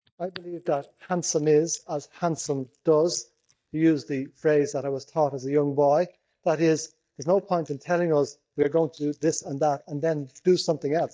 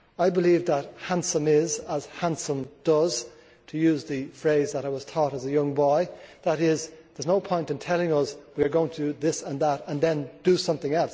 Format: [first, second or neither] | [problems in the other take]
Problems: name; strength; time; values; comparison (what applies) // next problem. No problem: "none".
second | noise reduction (neural mask model DeepFilterNet 3)